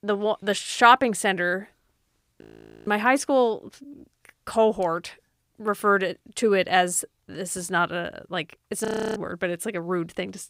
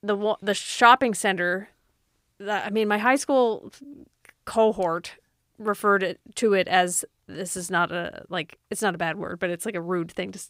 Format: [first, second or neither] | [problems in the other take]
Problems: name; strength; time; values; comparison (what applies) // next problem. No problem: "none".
second | audio freezing; at 2.5 s and at 9 s